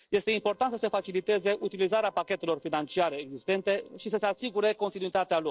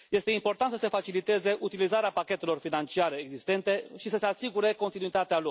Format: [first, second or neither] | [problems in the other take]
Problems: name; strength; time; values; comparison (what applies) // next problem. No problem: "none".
second | noise reduction (neural separator model SepFormer DNS4)